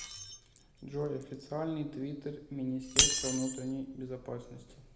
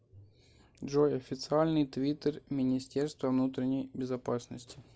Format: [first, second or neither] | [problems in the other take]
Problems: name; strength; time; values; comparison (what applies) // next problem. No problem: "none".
second | background sound (Shatter); 1 dB above the speech // room echo; dies away in 0.9 s